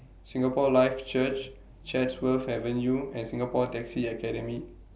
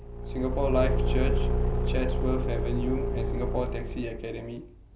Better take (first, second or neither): first